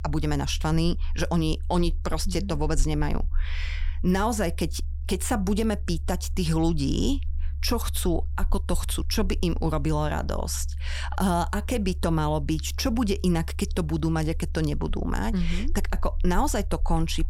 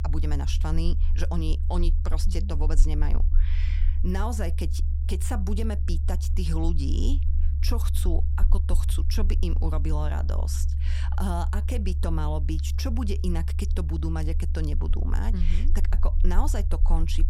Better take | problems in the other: first | low rumble; loud; throughout; 9 dB below the speech; faint in the first

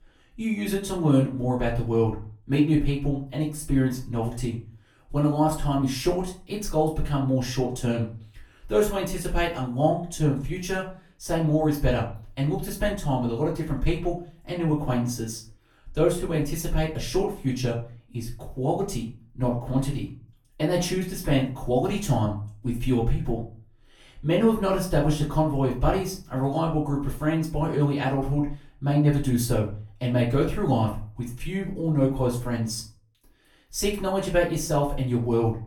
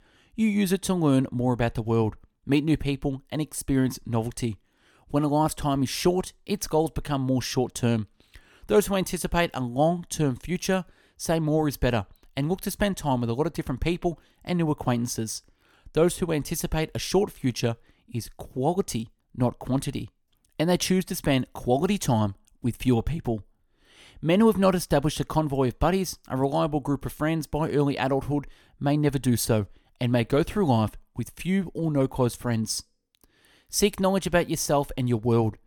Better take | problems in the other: second | off-mic speech; far // room echo; slight; dies away in 0.3 s

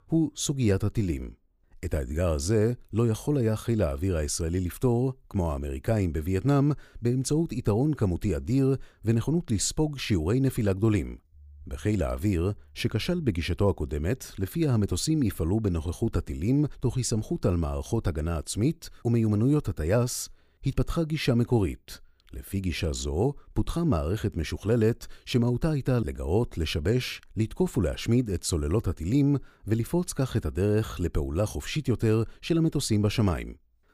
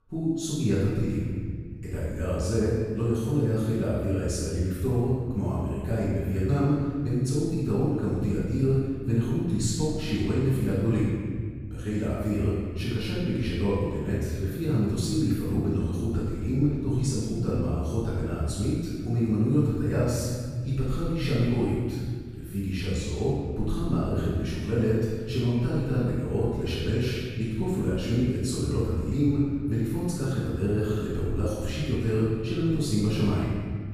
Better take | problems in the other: first | off-mic speech; far // room echo; strong; dies away in 1.8 s

